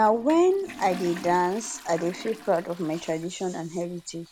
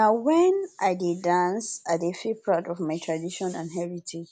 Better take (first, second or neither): second